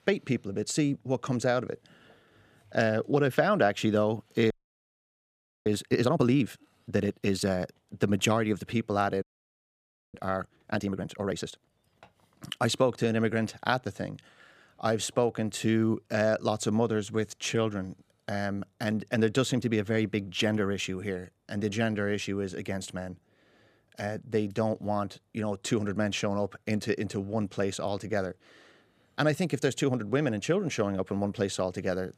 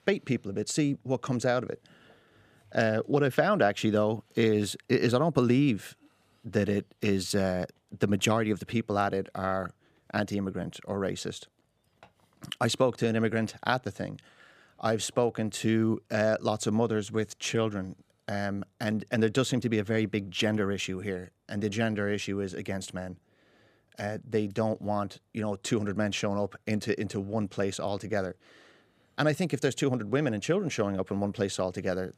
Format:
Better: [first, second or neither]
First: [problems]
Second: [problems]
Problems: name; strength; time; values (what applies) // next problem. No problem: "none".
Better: second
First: audio freezing; at 4.5 s for 1 s and at 9 s for 1 s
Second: none